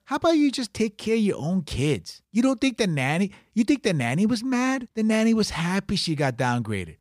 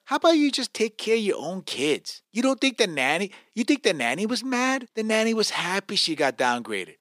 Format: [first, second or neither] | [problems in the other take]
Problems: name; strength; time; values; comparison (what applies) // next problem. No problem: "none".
first | thin; very slightly; fading below 300 Hz